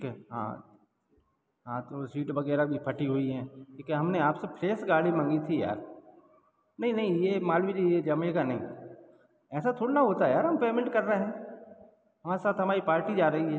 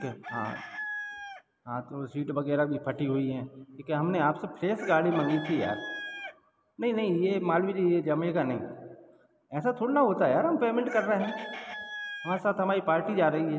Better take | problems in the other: first | background sound (Chicken, rooster); 15 dB below the speech

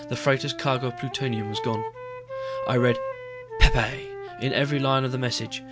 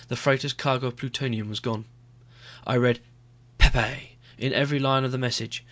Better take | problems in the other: second | background sound (Wind instrument, woodwind instrument); 9 dB below the speech

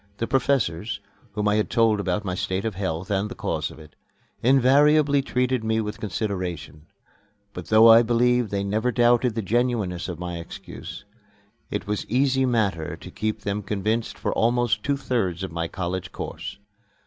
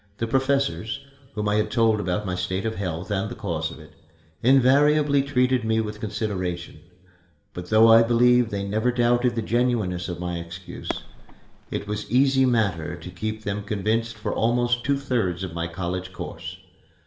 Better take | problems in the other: first | background sound (Fireworks); 12 dB below the speech // room echo; dies away in 1.7 s

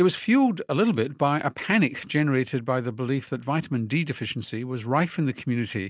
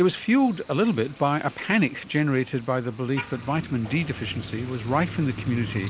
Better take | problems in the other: first | background sound (Motor vehicle (road)); 14 dB below the speech

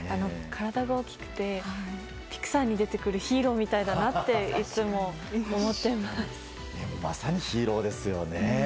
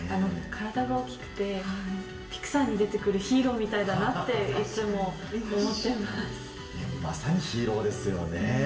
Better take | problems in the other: first | room echo; dies away in 0.7 s

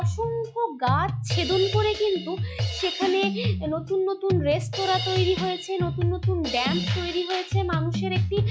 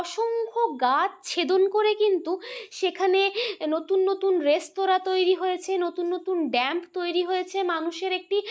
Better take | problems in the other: second | noise reduction (classical method log-MMSE)

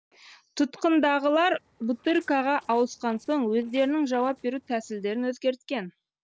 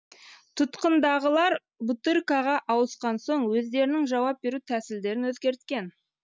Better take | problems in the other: second | noise reduction (neural separator model SepFormer DNS4)

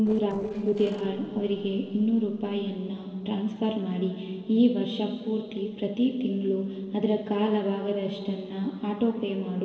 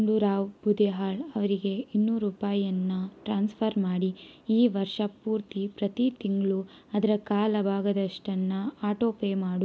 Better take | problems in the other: second | noise reduction (neural separator model SepFormer DNS4)

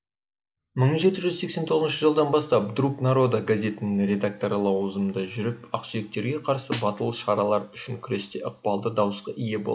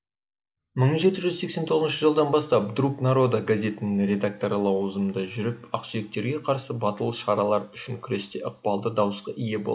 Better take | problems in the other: second | background sound (Snare drum); 15 dB below the speech

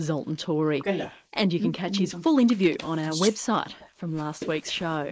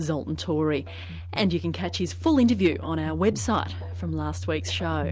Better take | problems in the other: second | noise reduction (neural mask model Resemble Enhance denoiser)

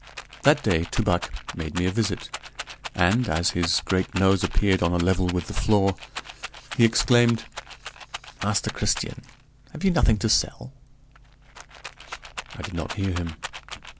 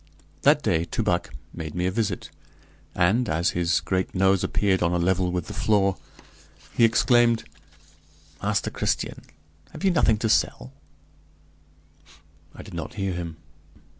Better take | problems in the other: second | background sound (Rattle); 13 dB below the speech

